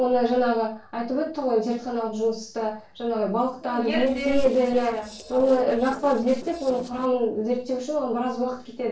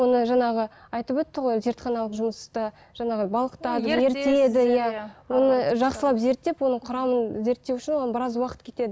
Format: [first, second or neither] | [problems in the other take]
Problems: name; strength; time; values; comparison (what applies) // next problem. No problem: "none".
second | noise reduction (neural separator model SepFormer DNS4)